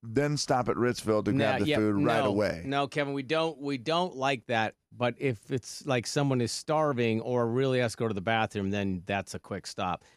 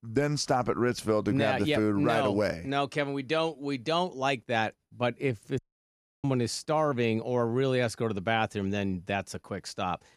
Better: first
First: none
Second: audio cutting out; at 5.5 s for 0.5 s

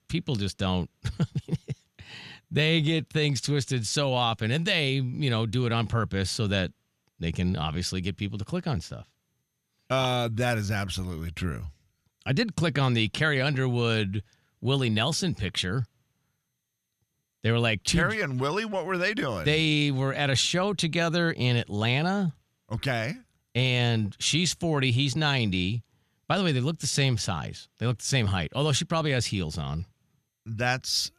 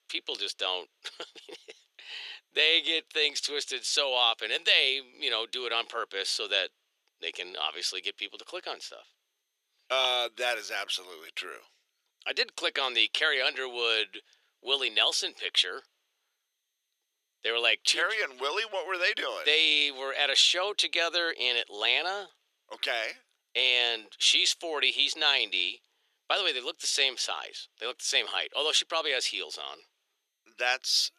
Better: first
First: none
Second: thin; very; fading below 400 Hz

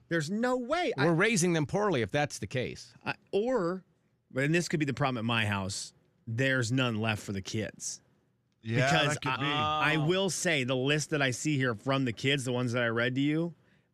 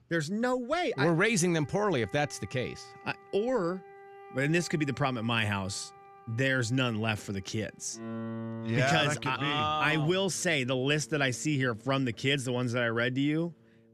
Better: first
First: none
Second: background music; noticeable; throughout; 20 dB below the speech

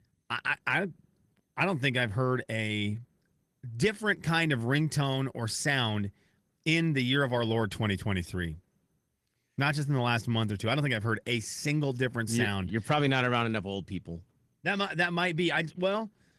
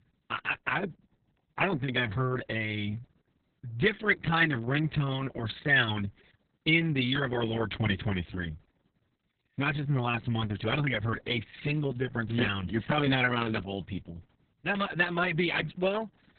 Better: first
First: garbled, watery; slightly; nothing above 11 kHz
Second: garbled, watery; badly; nothing above 3.5 kHz

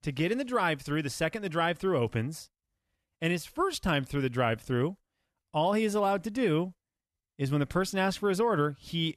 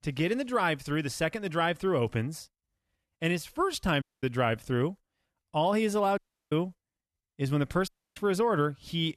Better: first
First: none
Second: audio cutting out; at 4 s, at 6 s and at 8 s

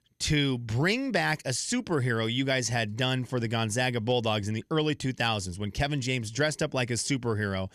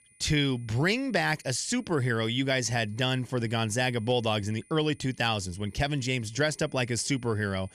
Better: first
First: none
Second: high-pitched whine; faint; throughout; 9.5 kHz, 30 dB below the speech

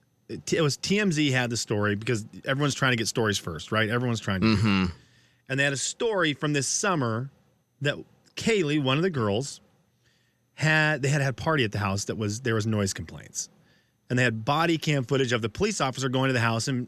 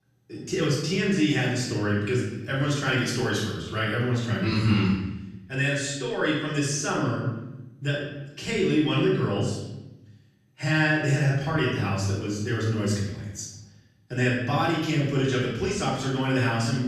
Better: first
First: none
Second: off-mic speech; far // room echo; noticeable; dies away in 0.9 s

